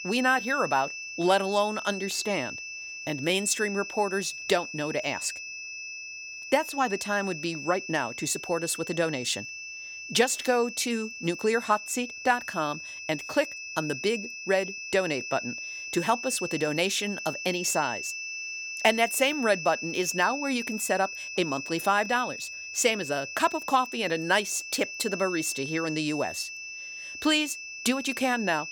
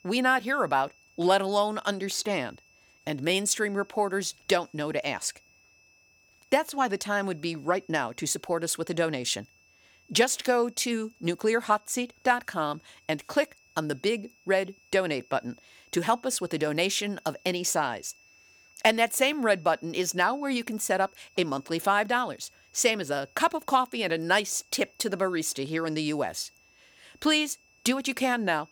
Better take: second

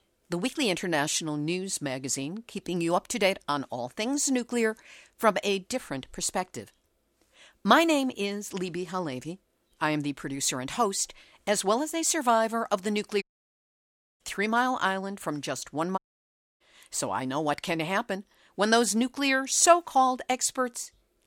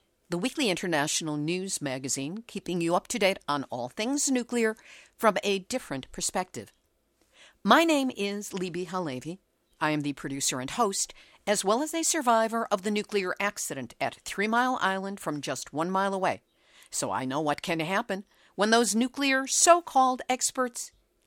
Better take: second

